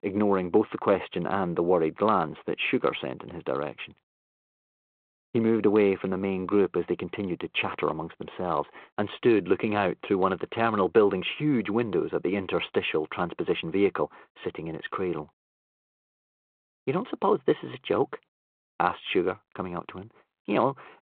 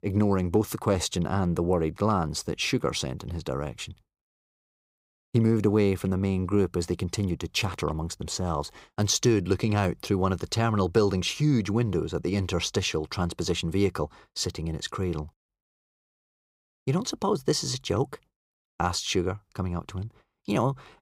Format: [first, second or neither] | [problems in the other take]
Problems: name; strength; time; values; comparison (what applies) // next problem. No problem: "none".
second | phone-call audio